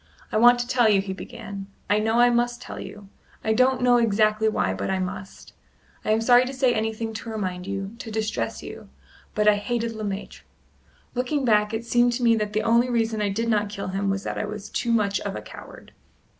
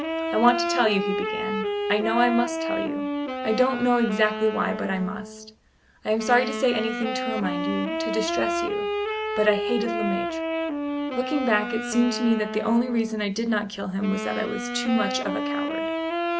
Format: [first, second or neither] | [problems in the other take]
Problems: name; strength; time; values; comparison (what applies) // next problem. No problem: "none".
first | background sound (Wind instrument, woodwind instrument); 3 dB below the speech